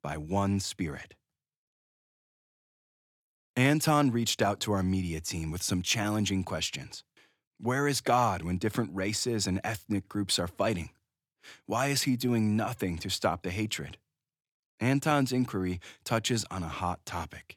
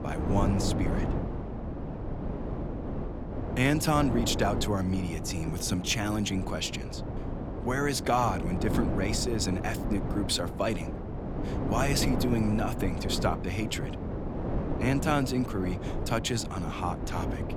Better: first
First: none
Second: wind noise on the microphone; heavy; 7 dB below the speech

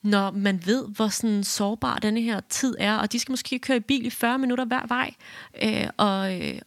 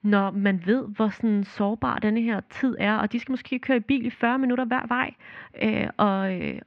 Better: first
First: none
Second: muffled; very; fading above 2.5 kHz

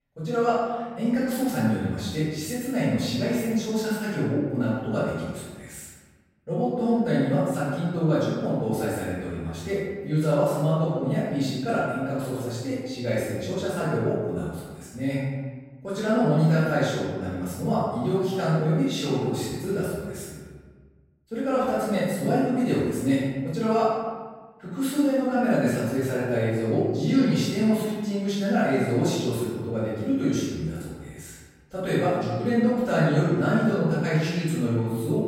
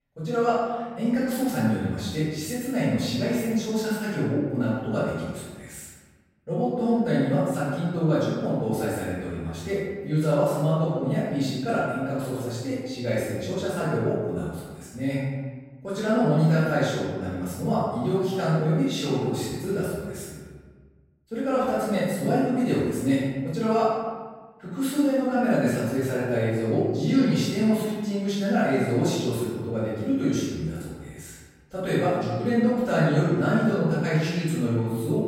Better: neither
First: off-mic speech; far // room echo; strong; dies away in 1.3 s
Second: off-mic speech; far // room echo; strong; dies away in 1.3 s

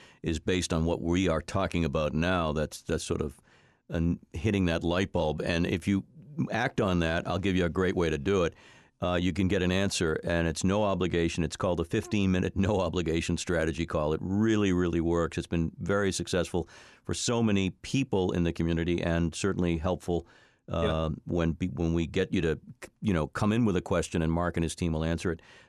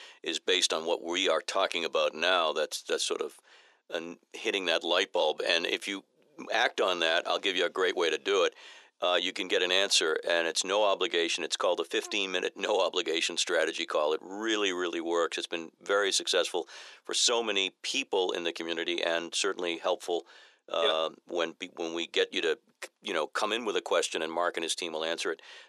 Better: first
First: none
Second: thin; very; fading below 400 Hz

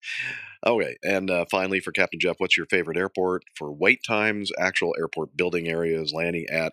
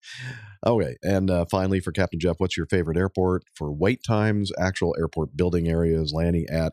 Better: second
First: thin; somewhat; fading below 300 Hz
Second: none

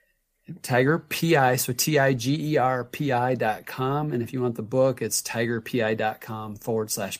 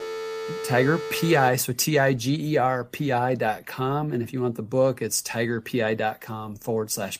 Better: first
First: none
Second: phone ringing; noticeable; until 1.5 s; peak 8 dB below the speech

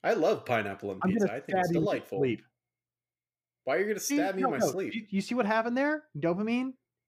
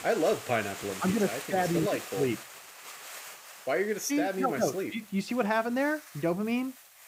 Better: first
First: none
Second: hiss; noticeable; throughout; 15 dB below the speech

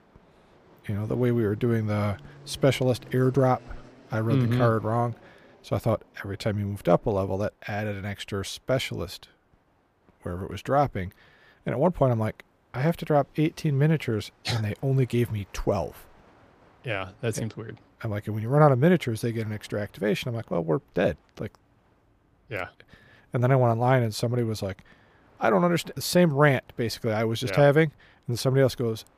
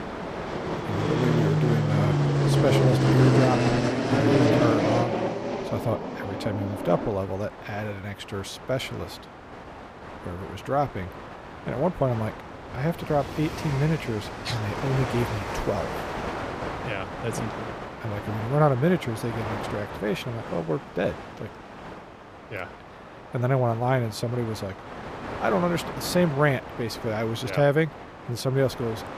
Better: first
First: train or aircraft noise; faint; throughout; 30 dB below the speech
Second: train or aircraft noise; loud; throughout; 1 dB below the speech

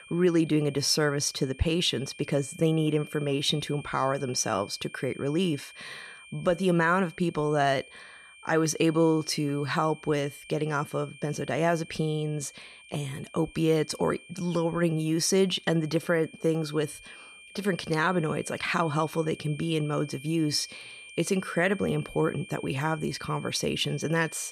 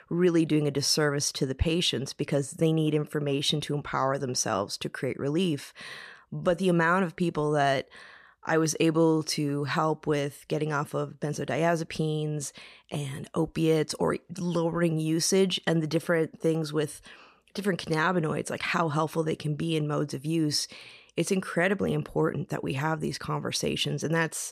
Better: second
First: high-pitched whine; noticeable; throughout; 2.5 kHz, 20 dB below the speech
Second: none

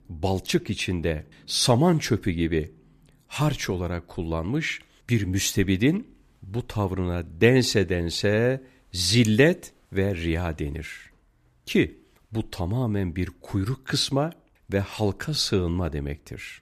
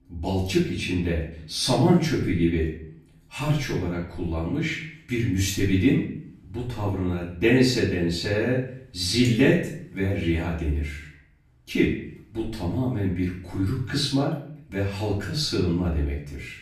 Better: first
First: none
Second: off-mic speech; far // room echo; noticeable; dies away in 0.5 s

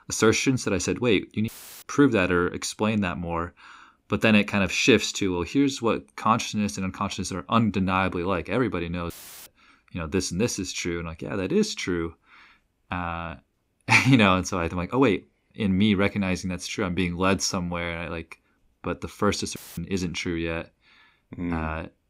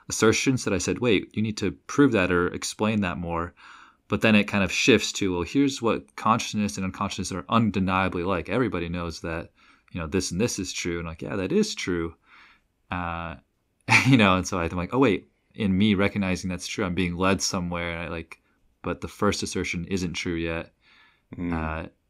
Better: second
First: audio cutting out; filled with static; at 1.5 s, at 9 s and at 20 s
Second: none

